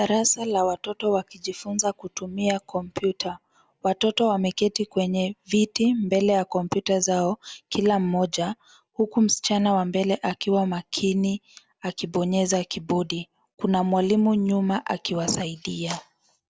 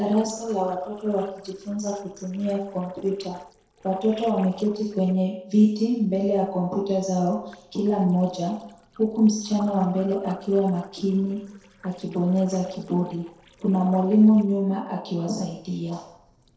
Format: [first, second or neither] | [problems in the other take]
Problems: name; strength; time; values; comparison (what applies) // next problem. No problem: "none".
first | noise reduction (neural separator model SepFormer DNS4)